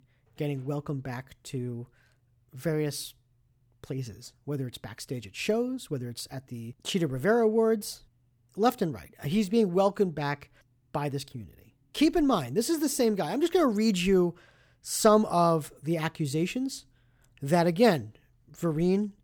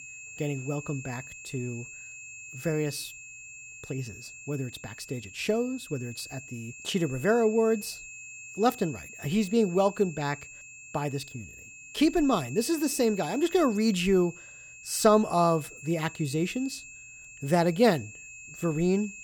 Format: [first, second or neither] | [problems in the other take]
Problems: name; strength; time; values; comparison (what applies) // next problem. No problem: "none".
first | high-pitched whine; noticeable; throughout; 2.5 kHz, 15 dB below the speech